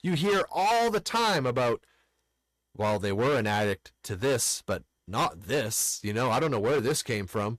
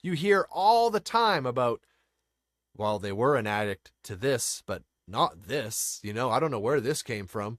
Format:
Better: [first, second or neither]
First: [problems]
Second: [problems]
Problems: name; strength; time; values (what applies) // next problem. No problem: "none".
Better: second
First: distortion; heavy; 15% of the sound clipped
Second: none